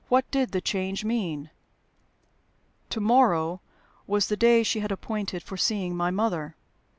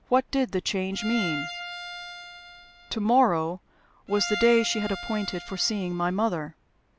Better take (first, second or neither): first